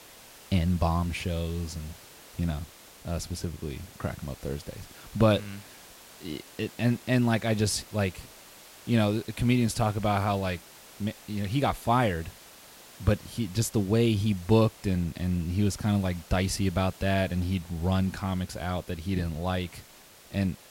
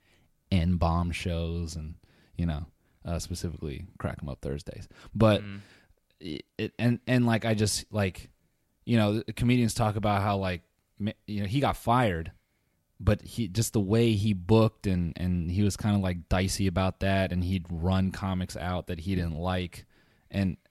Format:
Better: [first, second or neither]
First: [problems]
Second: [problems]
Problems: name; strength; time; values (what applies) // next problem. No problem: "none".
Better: second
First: hiss; noticeable; throughout; 20 dB below the speech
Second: none